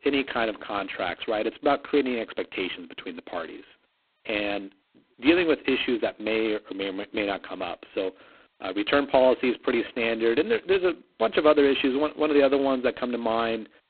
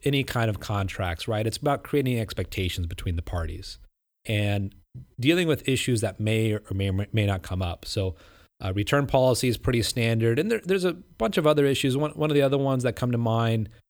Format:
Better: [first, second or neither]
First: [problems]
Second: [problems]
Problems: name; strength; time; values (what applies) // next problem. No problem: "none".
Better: second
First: phone-call audio; poor line; nothing above 4 kHz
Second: none